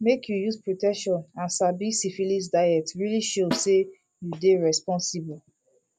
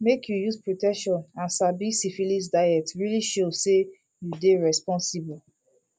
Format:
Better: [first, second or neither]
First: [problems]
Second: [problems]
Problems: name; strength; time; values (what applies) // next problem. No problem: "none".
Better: second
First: background sound (Snare drum); 11 dB below the speech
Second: none